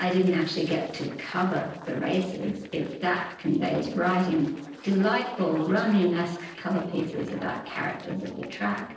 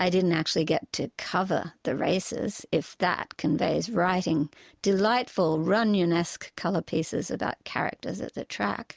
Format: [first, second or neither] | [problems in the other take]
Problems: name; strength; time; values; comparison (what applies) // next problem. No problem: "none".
second | noise reduction (neural separator model SepFormer DNS4)